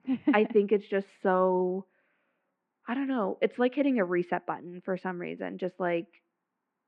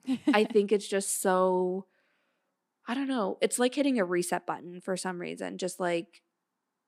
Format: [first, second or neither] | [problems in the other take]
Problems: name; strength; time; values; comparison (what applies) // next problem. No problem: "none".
second | muffled; very; fading above 2.5 kHz